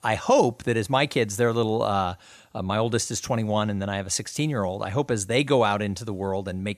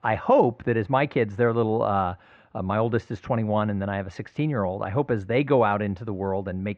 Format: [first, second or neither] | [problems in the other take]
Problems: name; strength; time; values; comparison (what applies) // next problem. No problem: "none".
first | muffled; very; fading above 2 kHz